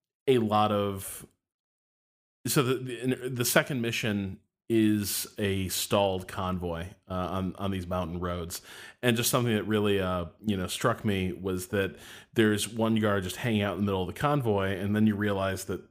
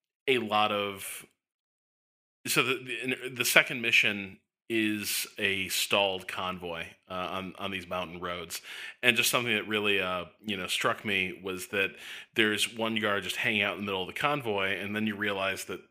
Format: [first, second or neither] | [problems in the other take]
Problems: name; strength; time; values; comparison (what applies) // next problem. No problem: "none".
first | thin; very slightly; fading below 750 Hz